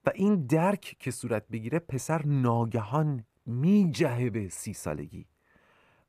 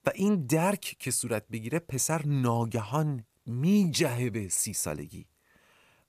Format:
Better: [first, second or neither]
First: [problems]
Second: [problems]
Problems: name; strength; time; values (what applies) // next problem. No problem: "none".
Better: second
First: muffled; slightly; fading above 3 kHz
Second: none